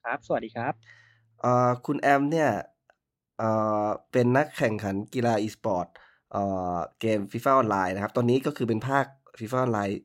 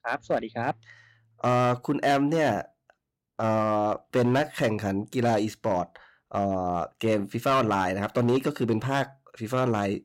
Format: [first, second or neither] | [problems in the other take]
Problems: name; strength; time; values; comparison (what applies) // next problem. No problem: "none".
first | distortion; slight; 5% of the sound clipped